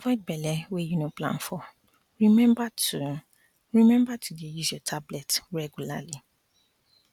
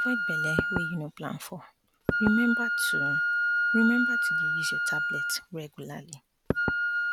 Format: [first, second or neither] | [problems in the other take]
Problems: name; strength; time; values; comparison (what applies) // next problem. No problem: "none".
first | background sound (Wind instrument, woodwind instrument + Knock / Wood); 4 dB above the speech